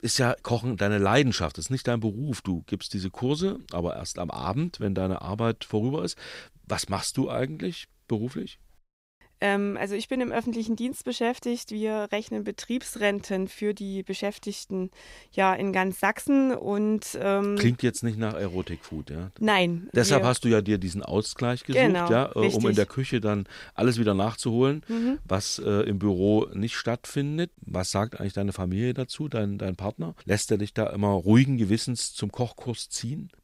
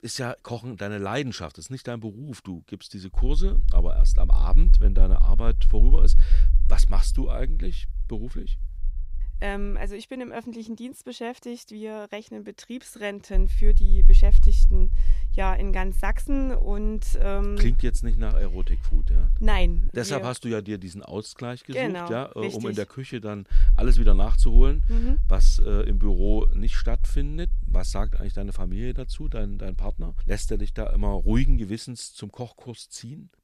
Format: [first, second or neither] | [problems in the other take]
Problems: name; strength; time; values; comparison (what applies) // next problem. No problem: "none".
first | low rumble; noticeable; from 3 to 10 s, from 13 to 20 s and from 24 to 32 s; 20 dB below the speech